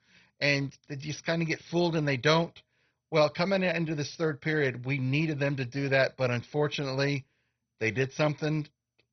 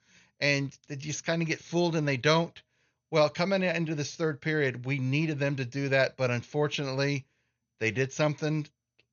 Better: second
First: garbled, watery; badly; nothing above 6 kHz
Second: garbled, watery; slightly; nothing above 6.5 kHz

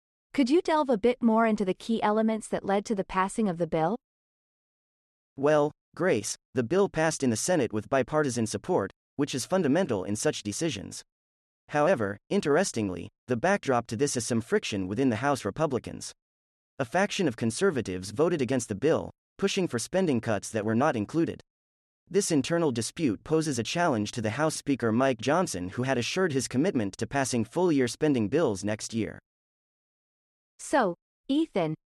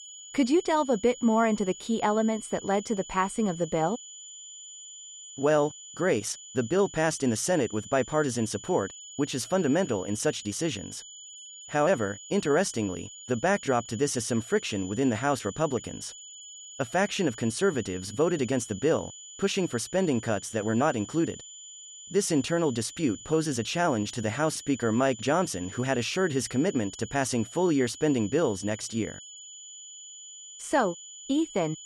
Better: first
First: none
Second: high-pitched whine; noticeable; throughout; 7 kHz, 15 dB below the speech

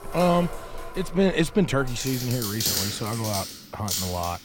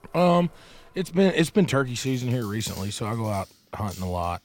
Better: second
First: household noises; loud; throughout; 4 dB below the speech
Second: household noises; faint; throughout; 20 dB below the speech

